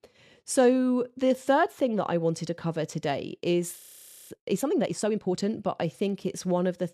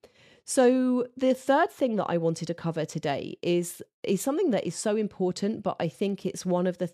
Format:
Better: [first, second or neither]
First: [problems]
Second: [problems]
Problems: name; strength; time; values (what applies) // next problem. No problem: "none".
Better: second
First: audio freezing; at 4 s for 0.5 s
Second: none